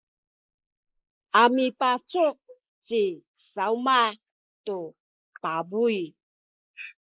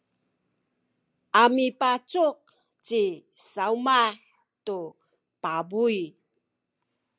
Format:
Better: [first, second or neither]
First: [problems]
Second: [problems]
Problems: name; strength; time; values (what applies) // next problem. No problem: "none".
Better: second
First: noise reduction (neural mask model Resemble Enhance denoiser)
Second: none